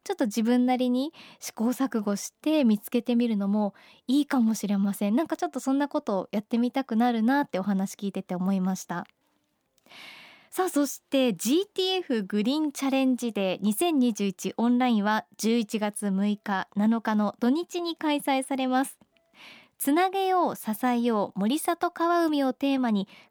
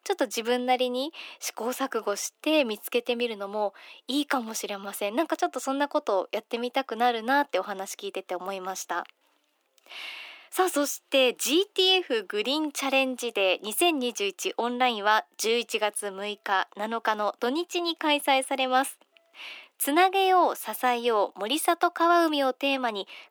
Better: first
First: none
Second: thin; somewhat; fading below 350 Hz

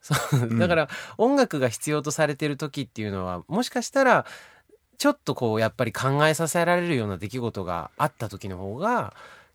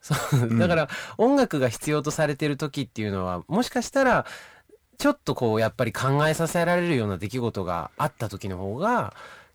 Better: first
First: none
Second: distortion; slight; 10 dB below the speech

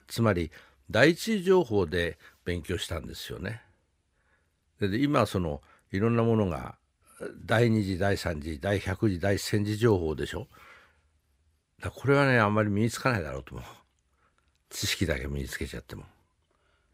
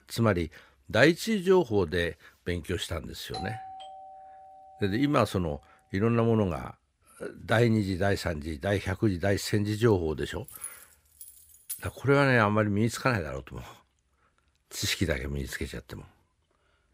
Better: first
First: none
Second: doorbell; faint; from 3.5 to 5 s; peak 10 dB below the speech // jangling keys; faint; from 10 to 12 s; peak 10 dB below the speech

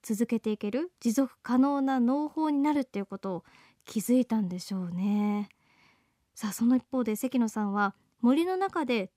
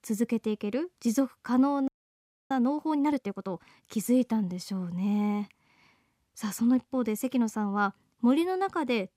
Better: first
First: none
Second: audio freezing; at 2 s for 0.5 s

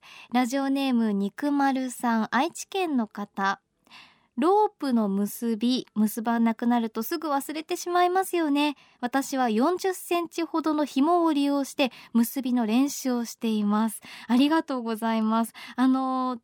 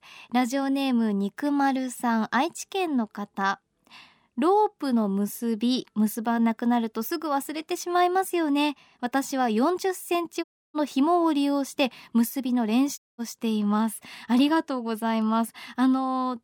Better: first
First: none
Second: audio cutting out; at 10 s and at 13 s

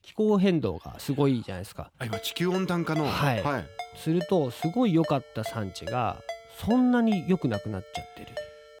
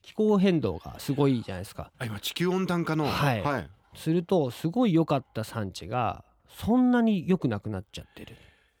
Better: second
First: phone ringing; faint; from 2 s on; peak 10 dB below the speech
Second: none

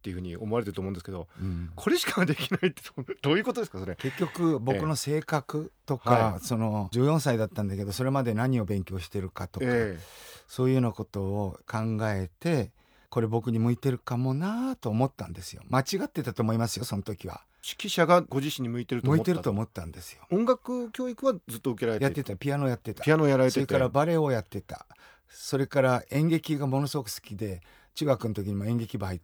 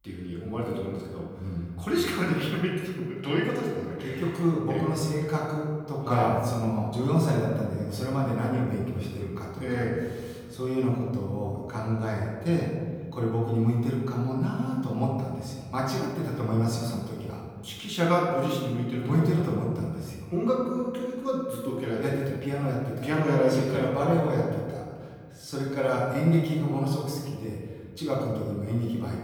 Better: first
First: none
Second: room echo; noticeable; dies away in 1.6 s // off-mic speech; far

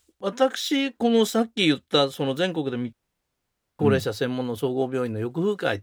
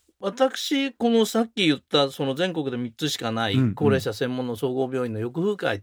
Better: second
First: audio cutting out; at 3 s for 1 s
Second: none

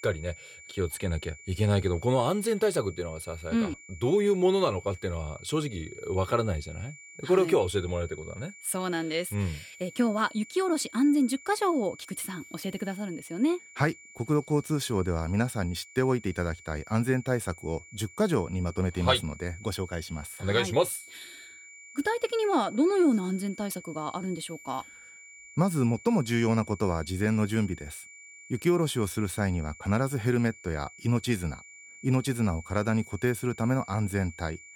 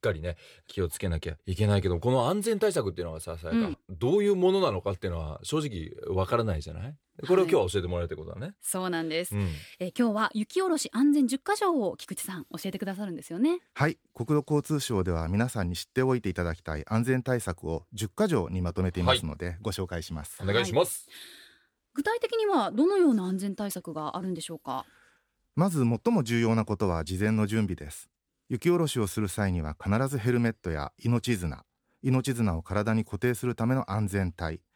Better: second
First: high-pitched whine; noticeable; throughout; 2.5 kHz, 20 dB below the speech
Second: none

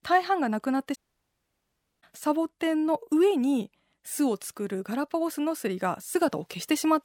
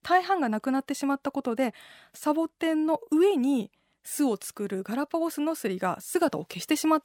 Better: second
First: audio cutting out; at 1 s for 1 s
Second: none

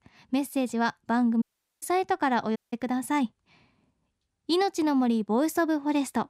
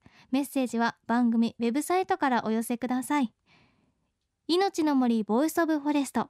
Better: second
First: audio cutting out; at 1.5 s and at 2.5 s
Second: none

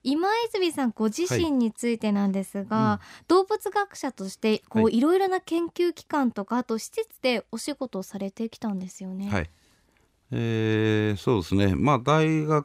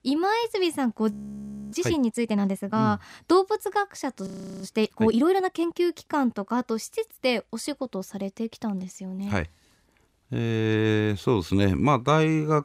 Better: first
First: none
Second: audio freezing; at 1 s for 0.5 s and at 4.5 s

